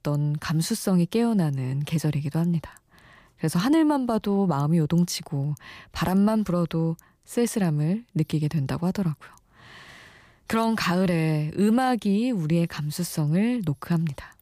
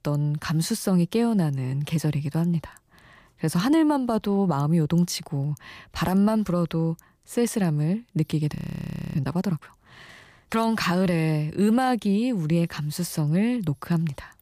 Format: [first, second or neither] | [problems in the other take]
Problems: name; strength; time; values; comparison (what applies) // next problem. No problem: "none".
first | audio freezing; at 8.5 s for 0.5 s